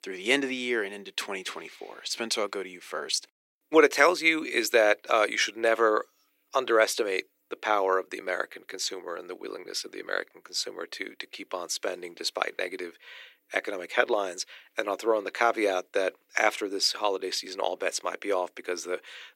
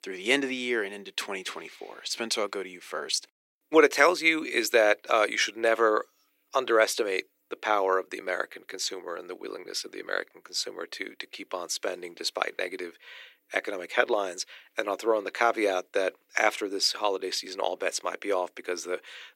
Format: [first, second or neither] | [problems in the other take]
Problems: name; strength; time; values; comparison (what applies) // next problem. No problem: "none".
neither | thin; somewhat; fading below 350 Hz; the same in both